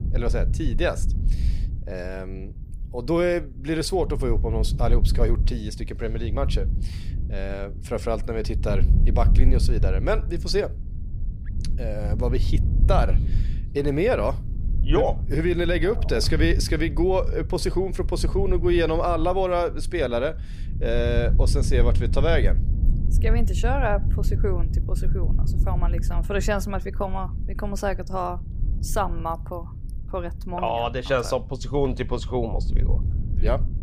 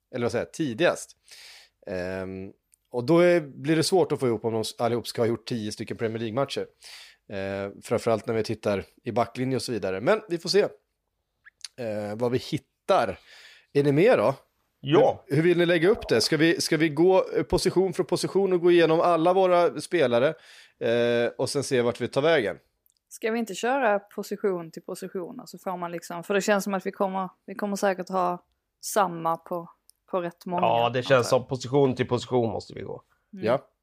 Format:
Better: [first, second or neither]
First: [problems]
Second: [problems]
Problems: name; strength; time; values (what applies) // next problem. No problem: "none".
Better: second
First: low rumble; noticeable; throughout; 15 dB below the speech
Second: none